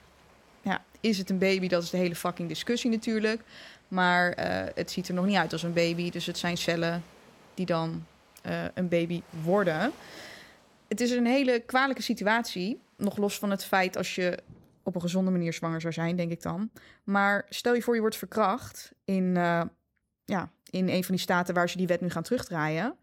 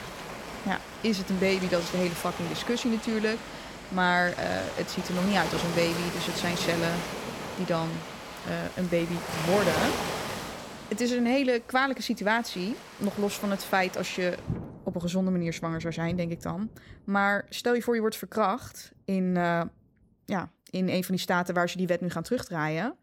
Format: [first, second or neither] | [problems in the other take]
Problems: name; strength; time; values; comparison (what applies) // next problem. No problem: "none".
first | rain or running water; loud; throughout; 7 dB below the speech; faint in the first